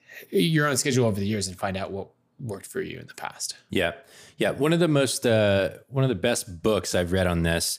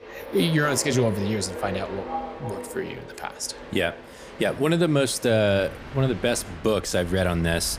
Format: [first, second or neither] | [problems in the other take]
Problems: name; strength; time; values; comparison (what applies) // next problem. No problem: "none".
first | train or aircraft noise; noticeable; throughout; 15 dB below the speech